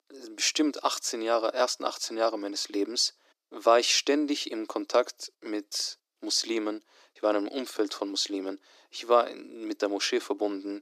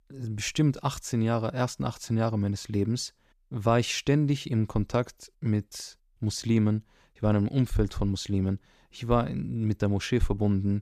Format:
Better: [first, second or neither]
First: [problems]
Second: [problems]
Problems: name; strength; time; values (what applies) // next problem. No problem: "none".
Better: second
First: thin; very; fading below 300 Hz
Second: none